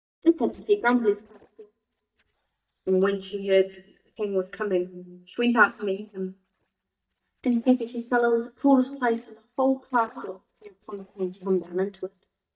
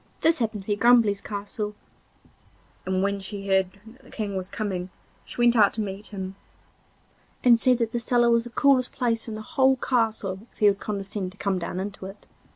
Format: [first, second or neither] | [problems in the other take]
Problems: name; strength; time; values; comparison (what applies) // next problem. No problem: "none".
second | noise reduction (neural mask model DeepFilterNet 3)